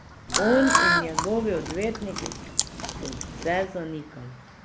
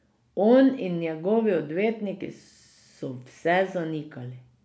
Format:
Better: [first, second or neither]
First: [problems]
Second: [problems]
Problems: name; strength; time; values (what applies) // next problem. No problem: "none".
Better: second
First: background sound (Chewing, mastication + Bird / Fowl); as loud as the speech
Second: none